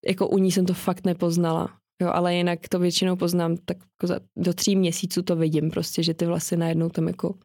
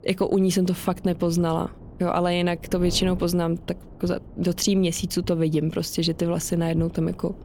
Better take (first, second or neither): first